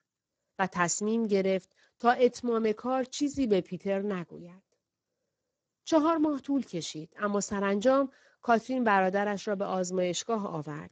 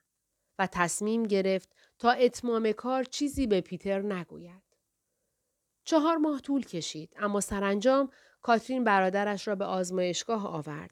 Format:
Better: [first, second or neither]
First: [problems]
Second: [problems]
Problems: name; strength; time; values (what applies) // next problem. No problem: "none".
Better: second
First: garbled, watery; badly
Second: none